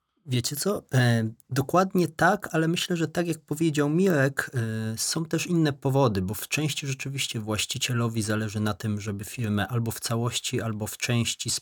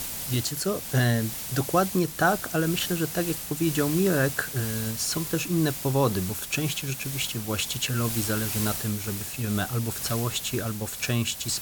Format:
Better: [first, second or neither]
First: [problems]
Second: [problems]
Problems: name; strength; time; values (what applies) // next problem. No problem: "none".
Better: first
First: none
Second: hiss; loud; throughout; 5 dB below the speech